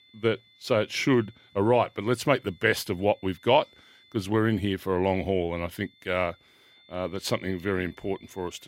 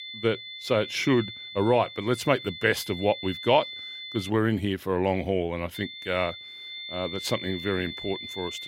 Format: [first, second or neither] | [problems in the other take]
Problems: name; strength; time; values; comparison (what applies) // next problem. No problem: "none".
first | high-pitched whine; loud; until 4.5 s and from 5.5 s on; 3.5 kHz, 10 dB below the speech; faint in the first